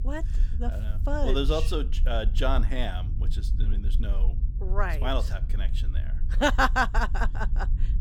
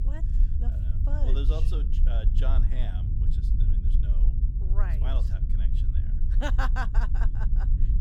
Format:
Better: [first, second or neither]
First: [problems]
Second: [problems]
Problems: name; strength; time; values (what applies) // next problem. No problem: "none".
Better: first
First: low rumble; faint; throughout; 20 dB below the speech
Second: low rumble; loud; throughout; 8 dB below the speech